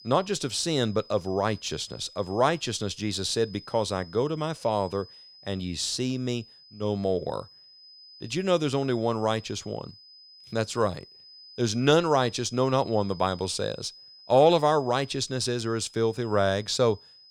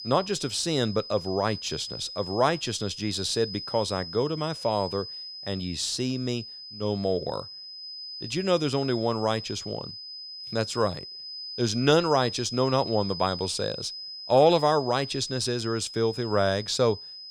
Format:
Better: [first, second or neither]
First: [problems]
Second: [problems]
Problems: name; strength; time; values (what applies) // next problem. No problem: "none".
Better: first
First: high-pitched whine; faint; throughout; 5 kHz, 20 dB below the speech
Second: high-pitched whine; loud; throughout; 5 kHz, 10 dB below the speech